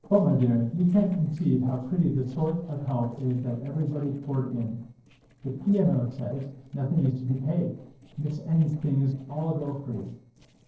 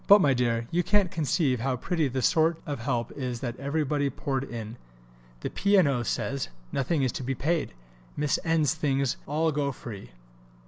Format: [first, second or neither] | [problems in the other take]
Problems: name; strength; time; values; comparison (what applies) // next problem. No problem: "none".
second | noise reduction (neural separator model SepFormer DNS4)